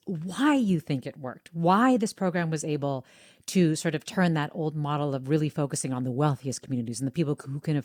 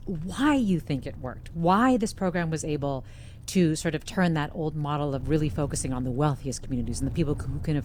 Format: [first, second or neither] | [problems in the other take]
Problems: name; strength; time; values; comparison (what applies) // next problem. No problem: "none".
first | wind noise on the microphone; occasional gusts; 25 dB below the speech